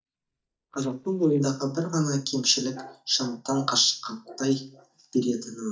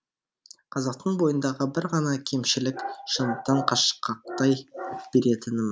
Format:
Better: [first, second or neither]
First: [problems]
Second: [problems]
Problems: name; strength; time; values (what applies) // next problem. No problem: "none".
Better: second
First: noise reduction (neural mask model DeepFilterNet 3)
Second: none